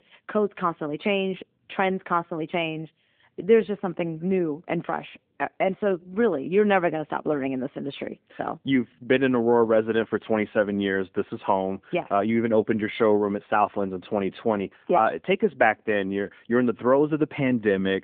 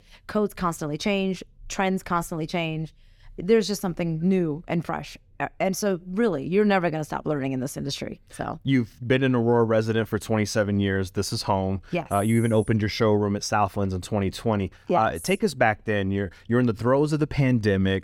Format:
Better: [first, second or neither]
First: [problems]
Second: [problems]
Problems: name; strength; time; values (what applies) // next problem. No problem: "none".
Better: second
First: phone-call audio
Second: none